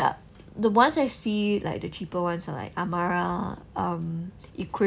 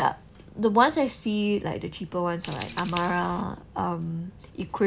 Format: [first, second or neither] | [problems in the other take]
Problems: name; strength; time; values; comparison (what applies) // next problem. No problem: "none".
first | background sound (Scissors); 20 dB below the speech